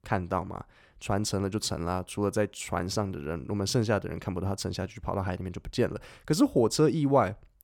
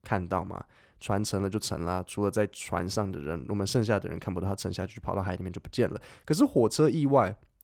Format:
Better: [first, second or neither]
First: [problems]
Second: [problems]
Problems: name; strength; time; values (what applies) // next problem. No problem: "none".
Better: first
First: none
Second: garbled, watery; slightly; nothing above 17 kHz